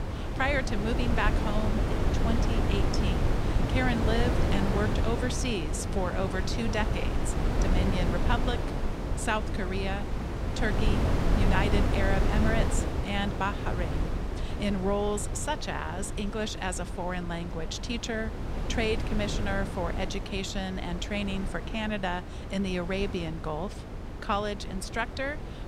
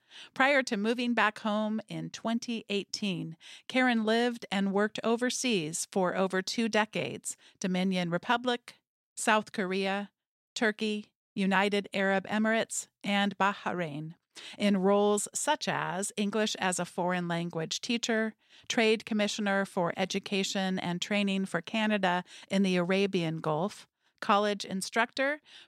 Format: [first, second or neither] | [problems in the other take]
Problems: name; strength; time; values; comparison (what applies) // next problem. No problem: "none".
second | wind noise on the microphone; heavy; 4 dB below the speech